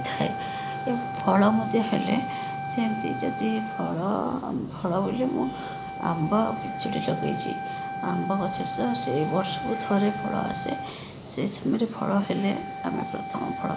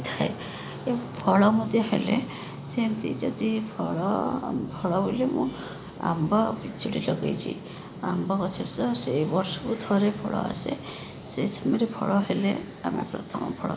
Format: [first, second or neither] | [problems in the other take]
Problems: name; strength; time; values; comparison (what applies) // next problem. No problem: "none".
second | background sound (Wind instrument, woodwind instrument); 7 dB below the speech